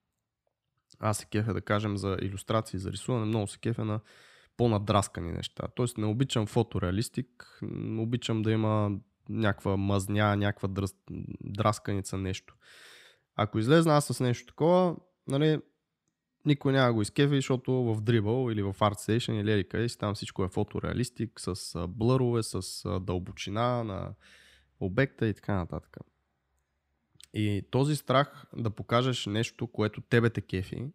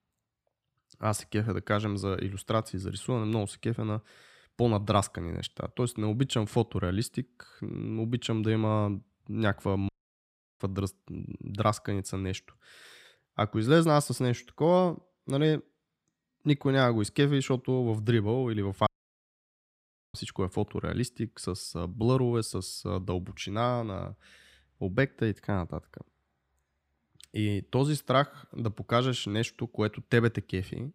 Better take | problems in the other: first | audio cutting out; at 10 s for 0.5 s and at 19 s for 1.5 s

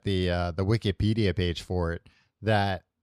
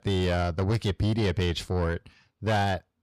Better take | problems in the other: first | distortion; slight; 10 dB below the speech

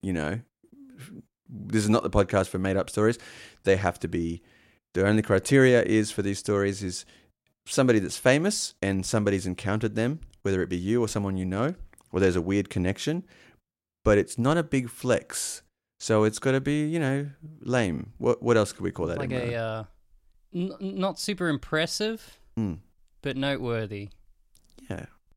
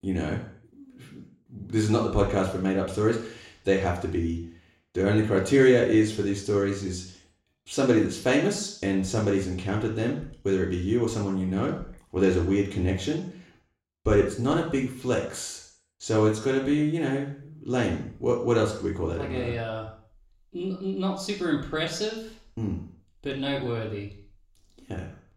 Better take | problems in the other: first | room echo; noticeable; dies away in 0.6 s // off-mic speech; far

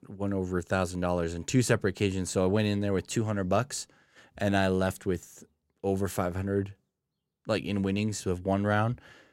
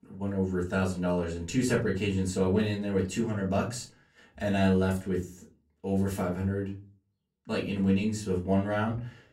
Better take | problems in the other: first | off-mic speech; far // room echo; very slight; dies away in 0.3 s

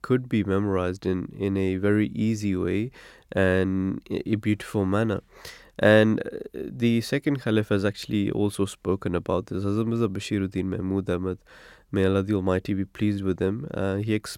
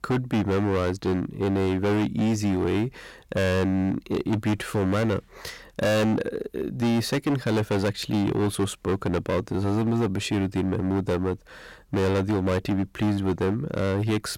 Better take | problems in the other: first | distortion; heavy; 20% of the sound clipped

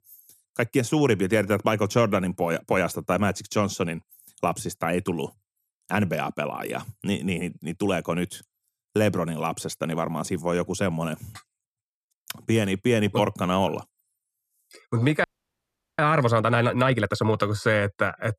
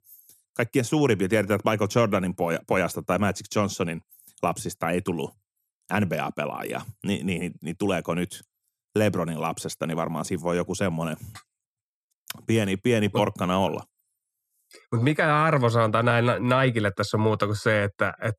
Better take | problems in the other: second | audio freezing; at 15 s for 0.5 s

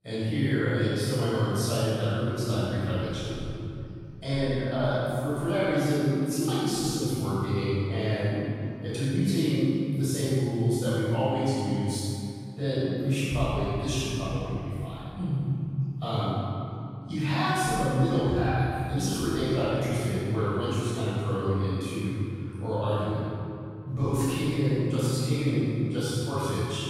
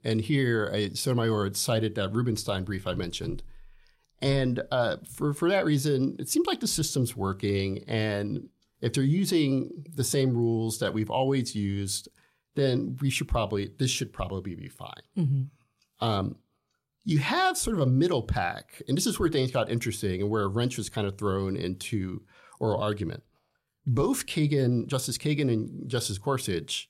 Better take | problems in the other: second | off-mic speech; far // room echo; strong; dies away in 2.5 s

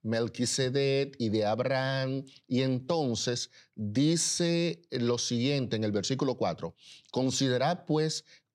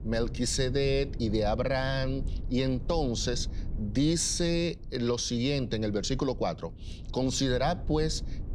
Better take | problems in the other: first | low rumble; faint; throughout; 20 dB below the speech

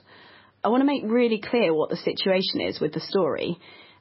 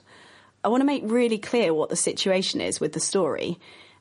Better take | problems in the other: second | garbled, watery; badly; nothing above 5.5 kHz; slightly in the second

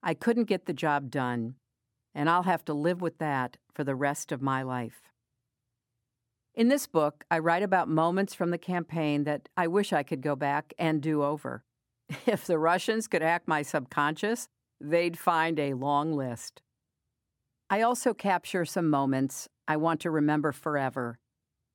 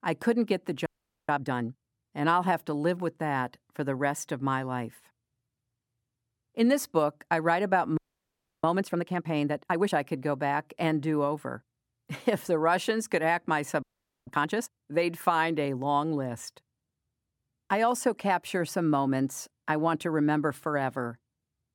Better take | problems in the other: first | audio freezing; at 1 s, at 8 s for 0.5 s and at 14 s

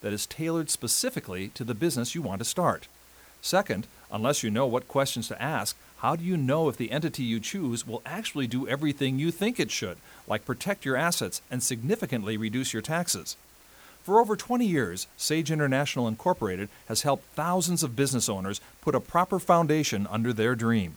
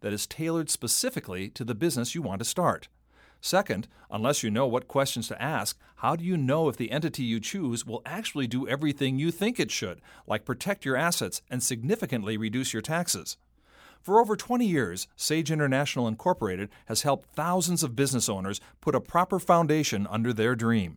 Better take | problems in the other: second | hiss; faint; throughout; 25 dB below the speech

